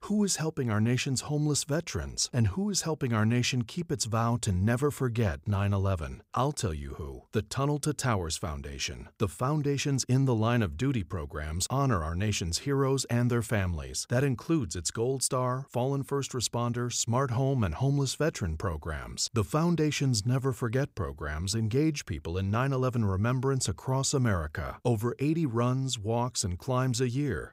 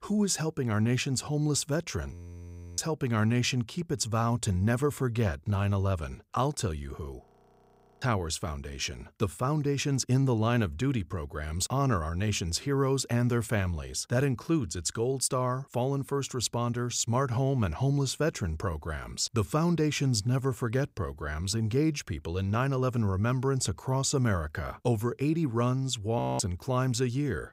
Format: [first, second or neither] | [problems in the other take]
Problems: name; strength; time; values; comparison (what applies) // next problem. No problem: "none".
first | audio freezing; at 2 s for 0.5 s, at 7.5 s for 1 s and at 26 s